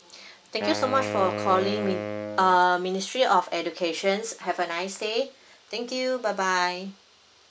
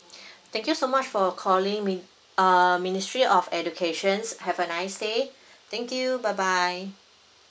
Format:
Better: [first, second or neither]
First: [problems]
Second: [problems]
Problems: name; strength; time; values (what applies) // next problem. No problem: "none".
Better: second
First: background sound (Wind instrument, woodwind instrument); 7 dB below the speech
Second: none